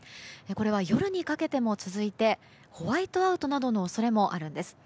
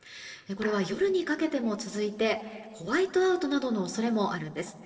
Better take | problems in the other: first | noise reduction (neural separator model SepFormer DNS4)

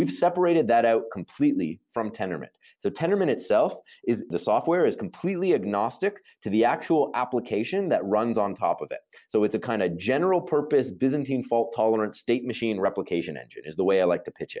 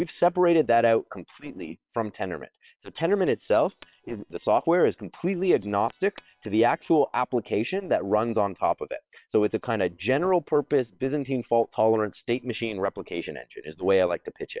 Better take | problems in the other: first | noise reduction (neural separator model SepFormer WHAM!)

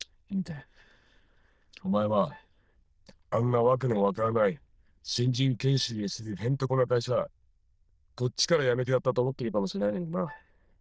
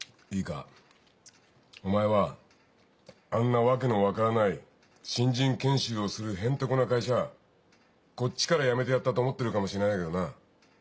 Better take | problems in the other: second | noise reduction (neural diffusion model UNIVERSE++)

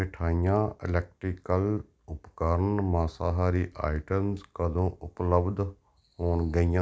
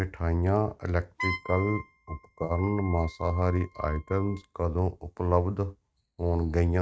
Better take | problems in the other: first | noise reduction (neural mask model RNNoise)

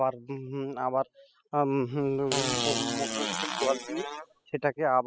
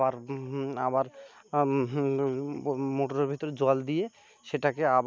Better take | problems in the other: second | noise reduction (classical method spectral subtraction)

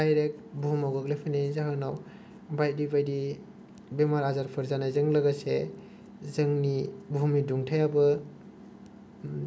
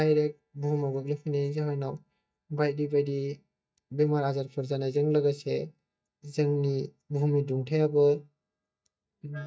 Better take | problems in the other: first | noise reduction (neural mask model DeepFilterNet 3)

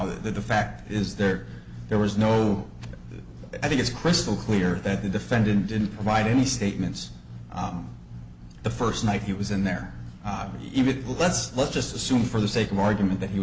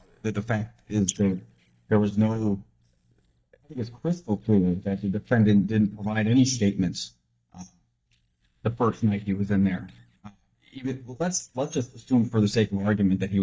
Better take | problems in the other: first | noise reduction (neural mask model DeepFilterNet 3)

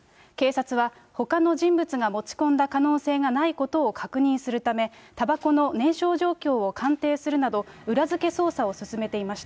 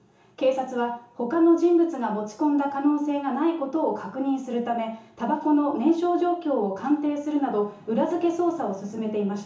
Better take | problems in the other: first | room echo; dies away in 0.8 s

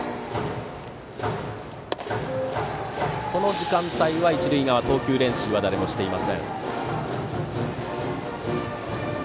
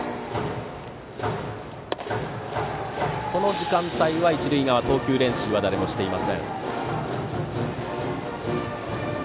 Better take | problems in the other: second | background sound (Wind instrument, woodwind instrument); 7 dB below the speech

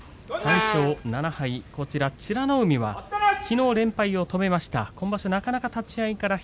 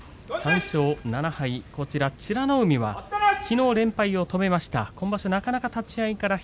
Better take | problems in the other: second | background sound (Brass instrument); 3 dB below the speech

